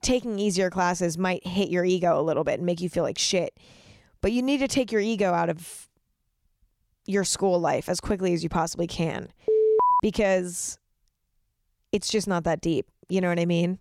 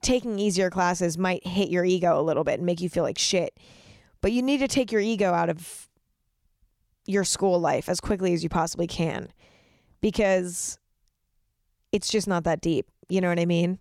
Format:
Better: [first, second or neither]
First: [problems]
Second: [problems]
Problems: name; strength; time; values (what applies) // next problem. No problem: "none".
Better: second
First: alarm; loud; at 9.5 s; peak 5 dB above the speech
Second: none